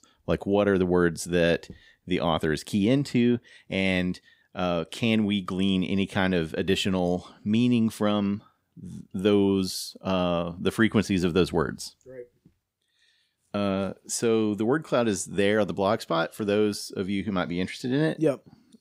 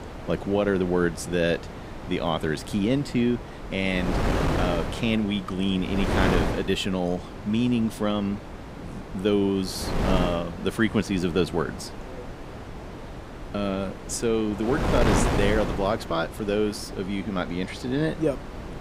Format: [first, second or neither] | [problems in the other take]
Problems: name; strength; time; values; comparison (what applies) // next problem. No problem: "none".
first | wind noise on the microphone; heavy; 6 dB below the speech